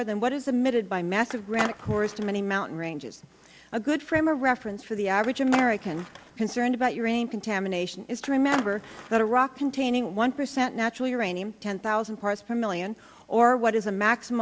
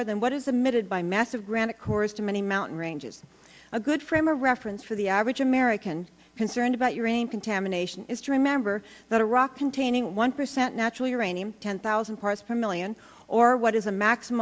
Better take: second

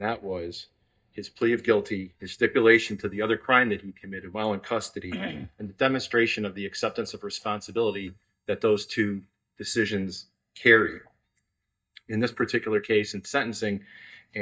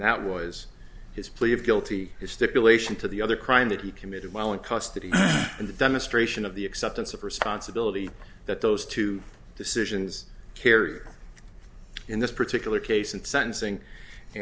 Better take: second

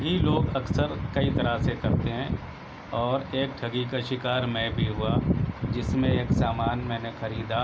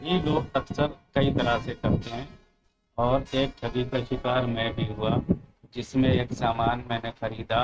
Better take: first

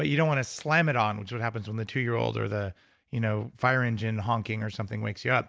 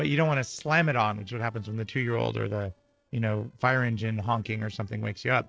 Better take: first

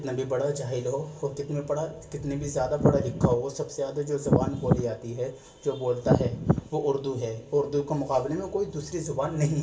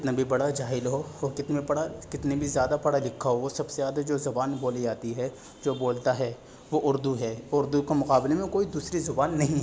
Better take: second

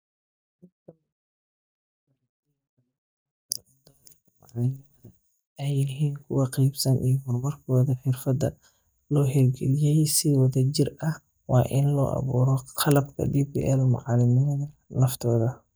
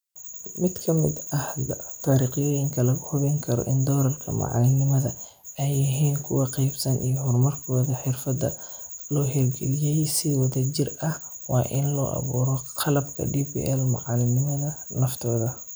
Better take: second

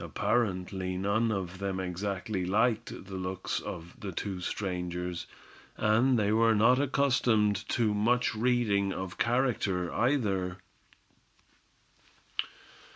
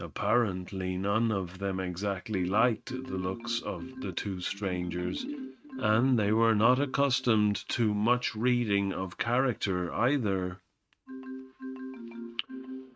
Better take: first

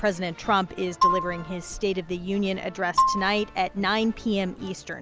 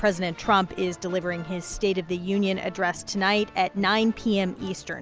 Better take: second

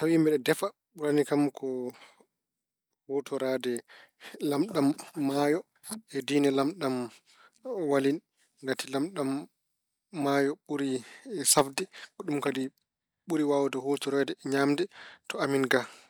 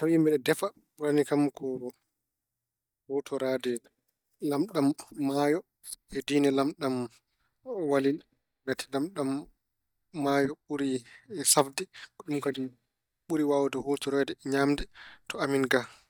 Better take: first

